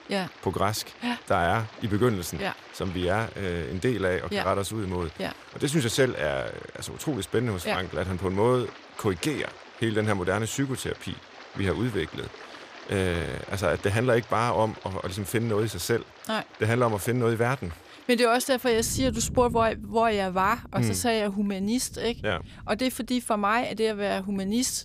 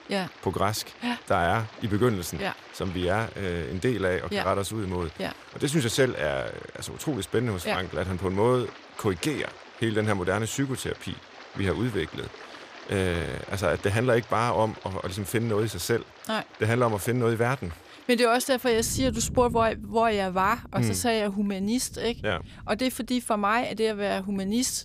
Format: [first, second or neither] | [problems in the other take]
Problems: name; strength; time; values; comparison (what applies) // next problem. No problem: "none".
neither | rain or running water; noticeable; throughout; 15 dB below the speech; the same in both